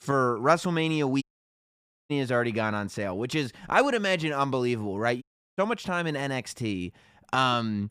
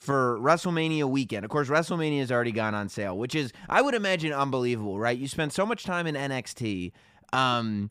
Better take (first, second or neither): second